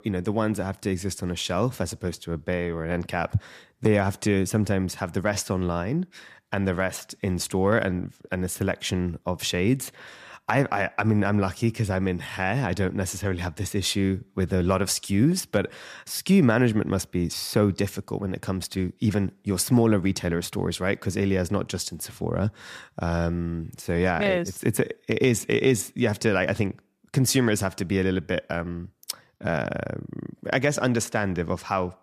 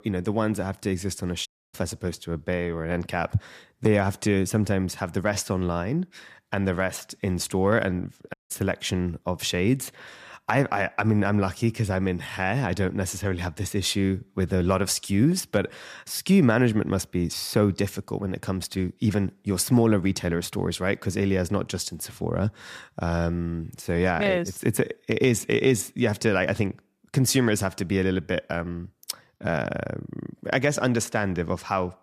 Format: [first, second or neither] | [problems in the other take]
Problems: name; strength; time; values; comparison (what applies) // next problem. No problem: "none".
first | audio cutting out; at 1.5 s and at 8.5 s